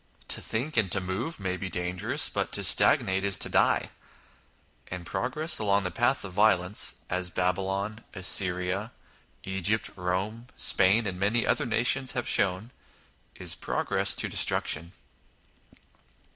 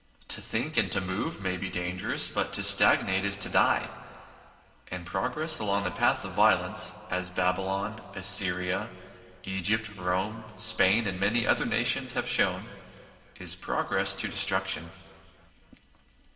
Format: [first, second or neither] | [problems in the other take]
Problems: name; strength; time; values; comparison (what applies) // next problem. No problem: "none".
first | room echo; dies away in 2.2 s